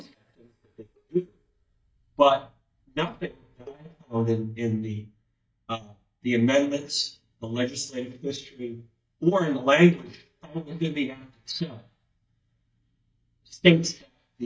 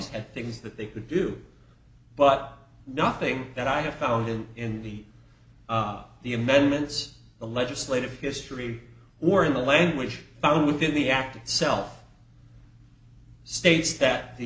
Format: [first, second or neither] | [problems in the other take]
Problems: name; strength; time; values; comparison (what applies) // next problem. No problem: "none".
second | noise reduction (neural mask model DeepFilterNet 3)